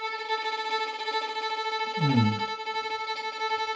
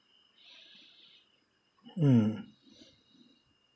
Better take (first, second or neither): second